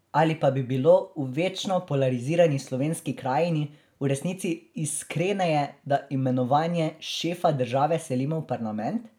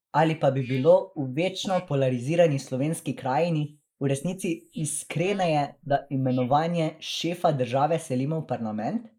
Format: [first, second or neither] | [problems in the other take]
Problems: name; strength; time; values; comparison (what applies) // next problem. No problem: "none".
first | noise reduction (neural mask model Resemble Enhance denoiser)